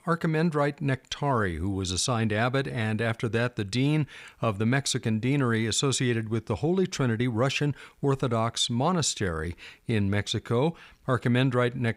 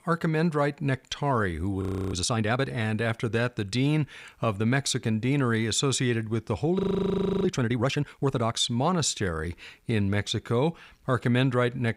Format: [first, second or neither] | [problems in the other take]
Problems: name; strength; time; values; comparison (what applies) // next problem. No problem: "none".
first | audio freezing; at 2 s and at 7 s for 0.5 s